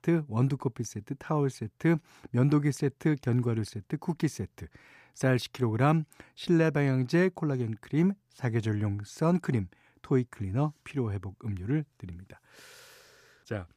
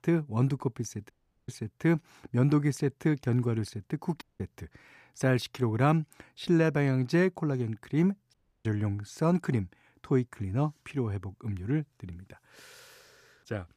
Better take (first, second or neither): first